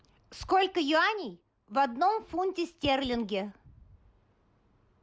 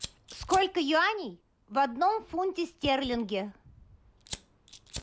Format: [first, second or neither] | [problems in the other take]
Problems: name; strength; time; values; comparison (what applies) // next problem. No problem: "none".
first | background sound (Fire); 17 dB below the speech